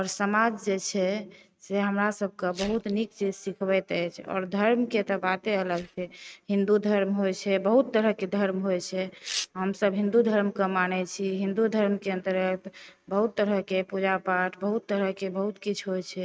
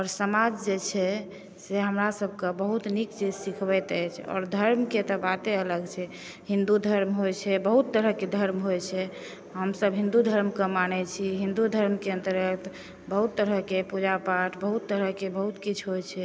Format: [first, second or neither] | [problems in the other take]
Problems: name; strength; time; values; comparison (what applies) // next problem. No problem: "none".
second | noise reduction (neural mask model RNNoise)